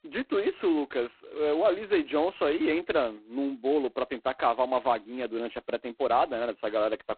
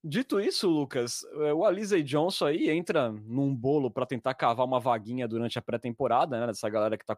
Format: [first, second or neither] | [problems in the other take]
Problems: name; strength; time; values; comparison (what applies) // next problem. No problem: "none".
second | phone-call audio; poor line; nothing above 4 kHz